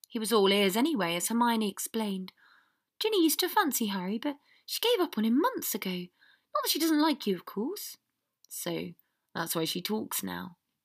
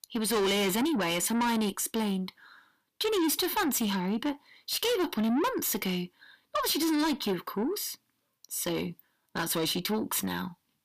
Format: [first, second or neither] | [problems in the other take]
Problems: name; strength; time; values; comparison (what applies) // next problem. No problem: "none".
first | distortion; heavy; 8 dB below the speech